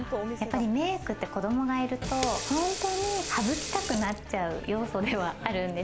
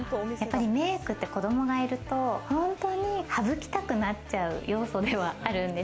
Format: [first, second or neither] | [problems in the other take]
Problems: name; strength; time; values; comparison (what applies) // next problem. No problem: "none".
second | background sound (Sink (filling or washing) / Water tap, faucet); 10 dB below the speech